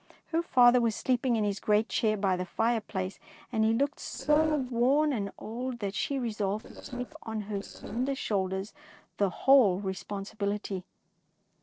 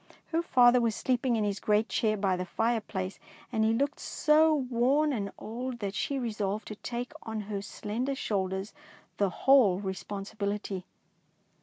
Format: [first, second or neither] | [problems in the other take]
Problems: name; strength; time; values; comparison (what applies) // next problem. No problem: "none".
second | noise reduction (neural separator model SepFormer DNS4)